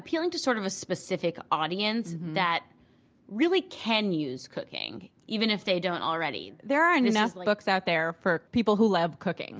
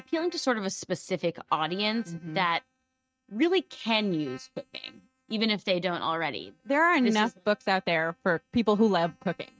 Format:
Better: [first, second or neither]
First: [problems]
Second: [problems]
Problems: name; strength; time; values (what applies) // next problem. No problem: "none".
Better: first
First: none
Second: noise reduction (neural mask model RNNoise)